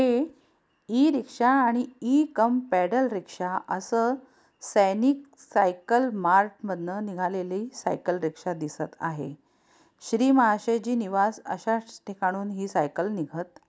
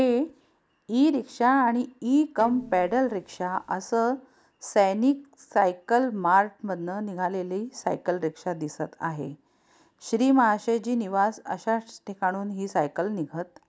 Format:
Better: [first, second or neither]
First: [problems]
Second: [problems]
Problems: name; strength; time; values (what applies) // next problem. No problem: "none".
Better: first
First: none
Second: background sound (Bowed string instrument); 18 dB below the speech